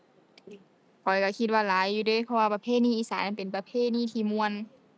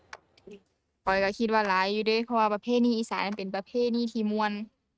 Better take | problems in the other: first | noise reduction (neural mask model RNNoise)

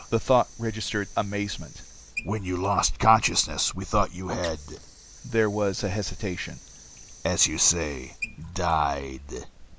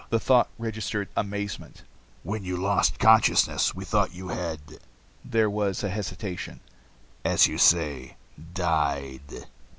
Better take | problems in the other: second | background sound (Sink (filling or washing) / Water); 19 dB below the speech

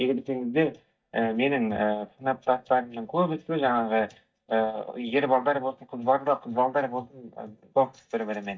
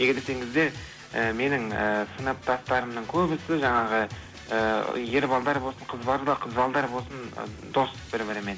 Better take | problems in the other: second | noise reduction (neural mask model DeepFilterNet 3)

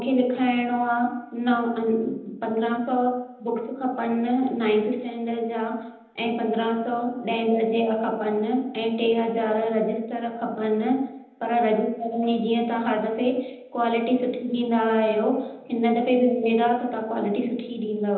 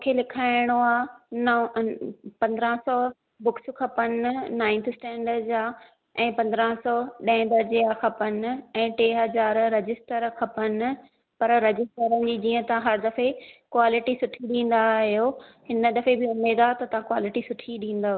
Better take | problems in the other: second | room echo; dies away in 0.9 s

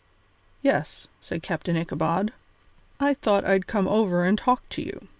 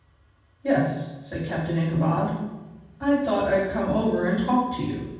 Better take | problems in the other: first | room echo; dies away in 1.2 s

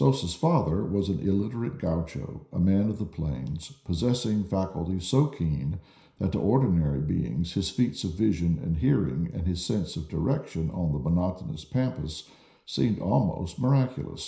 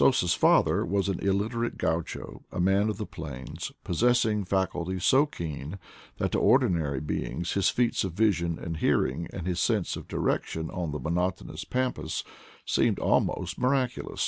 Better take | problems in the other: second | room echo; dies away in 0.5 s

